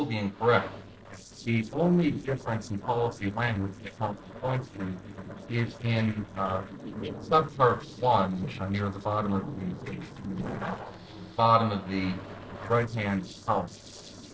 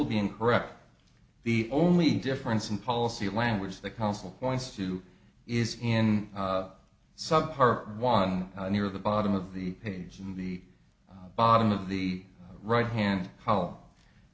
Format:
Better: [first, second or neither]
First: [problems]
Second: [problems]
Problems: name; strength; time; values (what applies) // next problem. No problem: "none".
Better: second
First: noise reduction (neural separator model SepFormer DNS4)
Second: none